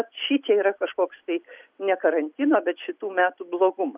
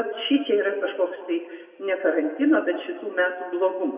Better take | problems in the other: first | room echo; dies away in 1.5 s

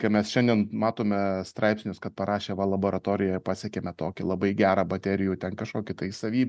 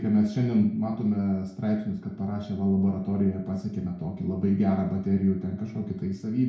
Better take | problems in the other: first | room echo; dies away in 0.5 s

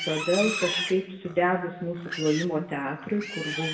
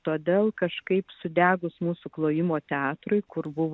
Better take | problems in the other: second | background sound (Livestock, farm animals, working animals); 7 dB below the speech // room echo; dies away in 0.8 s

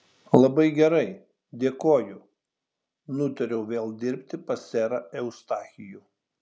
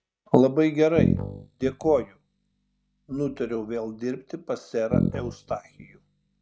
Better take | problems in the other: first | noise reduction (neural mask model RNNoise)

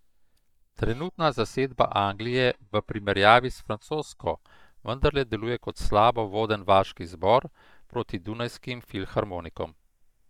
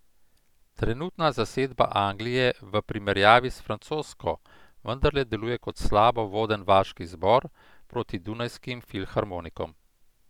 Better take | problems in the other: second | noise reduction (neural mask model DeepFilterNet 3)

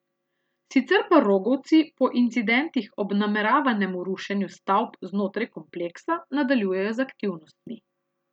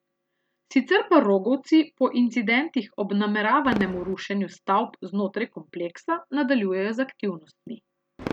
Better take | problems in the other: first | background sound (Fireworks); 18 dB below the speech

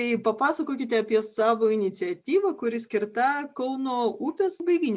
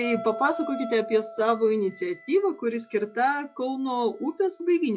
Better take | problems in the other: first | noise reduction (classical method log-MMSE)

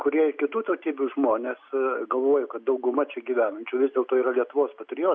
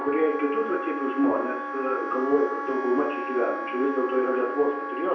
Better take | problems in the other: first | background sound (Wind instrument, woodwind instrument); 6 dB below the speech // room echo; dies away in 0.5 s

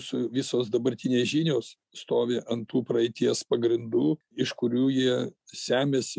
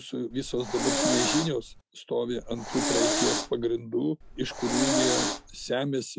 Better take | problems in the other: first | background sound (Hiss); as loud as the speech

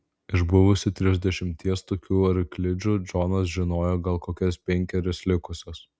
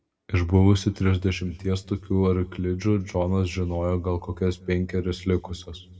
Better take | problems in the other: first | room echo; dies away in 1.4 s

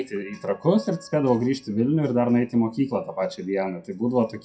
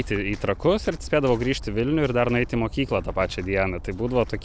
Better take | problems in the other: second | noise reduction (classical method WPE with log-MMSE)

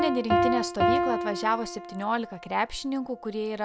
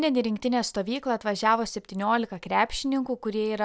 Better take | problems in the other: second | background sound (Piano); 1 dB above the speech

